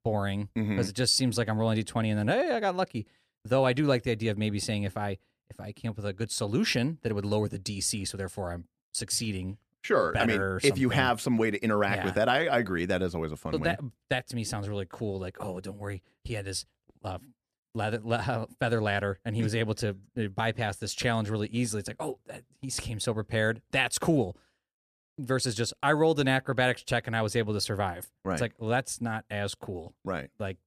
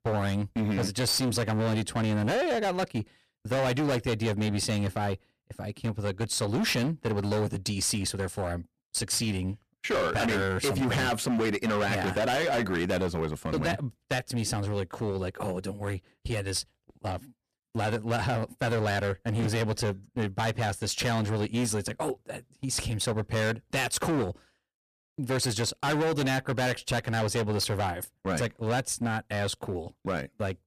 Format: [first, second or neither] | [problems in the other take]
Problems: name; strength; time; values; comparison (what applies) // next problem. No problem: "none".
first | distortion; heavy; 18% of the sound clipped